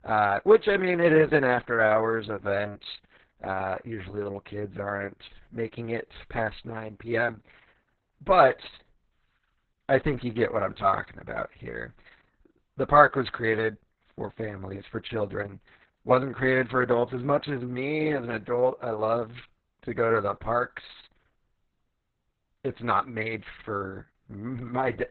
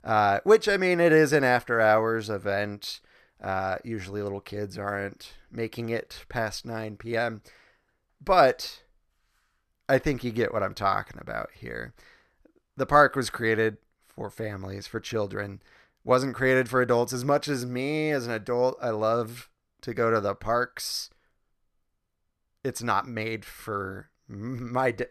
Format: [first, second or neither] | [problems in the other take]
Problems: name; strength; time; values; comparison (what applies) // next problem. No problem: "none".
second | garbled, watery; badly; nothing above 4 kHz